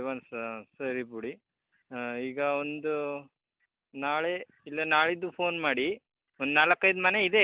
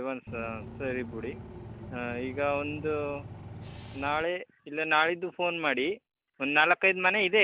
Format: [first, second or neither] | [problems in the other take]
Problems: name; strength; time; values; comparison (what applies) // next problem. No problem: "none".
first | background sound (Bus / Engine); 12 dB below the speech